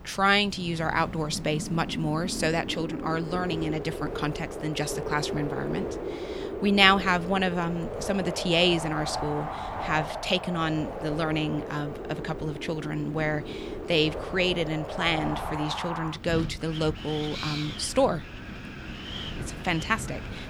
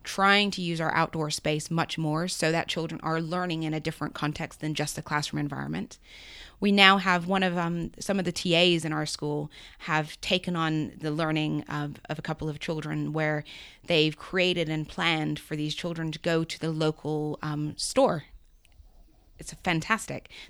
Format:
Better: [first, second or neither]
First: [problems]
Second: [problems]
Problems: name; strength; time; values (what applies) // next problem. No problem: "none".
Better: second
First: wind in the background; loud; throughout; 8 dB below the speech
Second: none